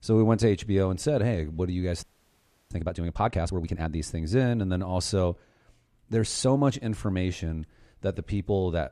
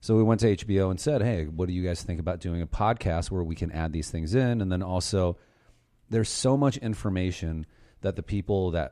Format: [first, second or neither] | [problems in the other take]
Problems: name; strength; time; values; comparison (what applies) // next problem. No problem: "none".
second | audio freezing; at 2 s for 0.5 s